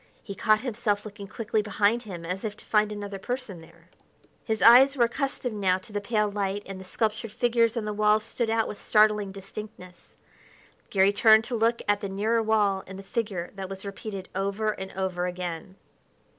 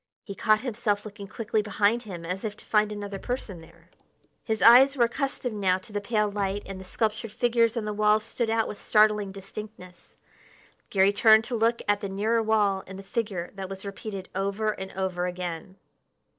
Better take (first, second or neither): first